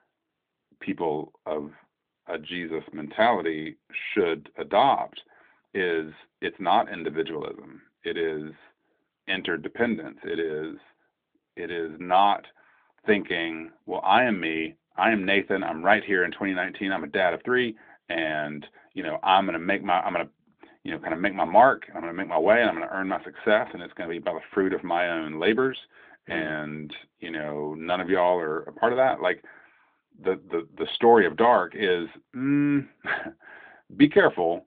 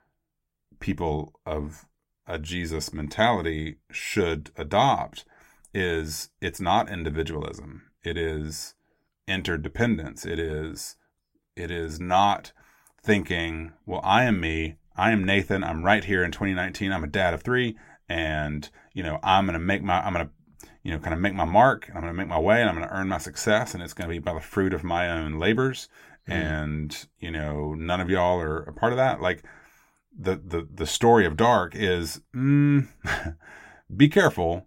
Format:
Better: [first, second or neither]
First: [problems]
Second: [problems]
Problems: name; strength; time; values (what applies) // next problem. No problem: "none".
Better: second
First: phone-call audio; nothing above 3.5 kHz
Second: none